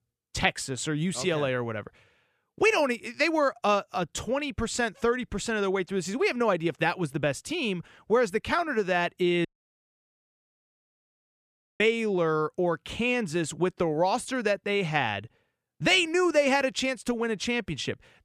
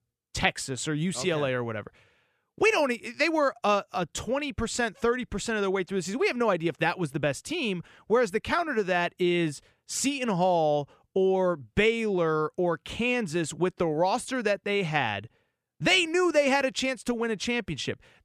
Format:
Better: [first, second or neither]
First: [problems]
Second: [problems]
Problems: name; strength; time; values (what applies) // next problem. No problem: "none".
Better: second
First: audio cutting out; at 9.5 s for 2.5 s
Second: none